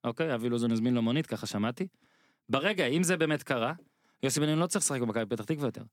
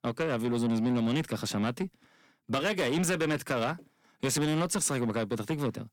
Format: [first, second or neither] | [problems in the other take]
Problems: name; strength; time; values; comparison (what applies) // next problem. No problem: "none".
first | distortion; slight; 10 dB below the speech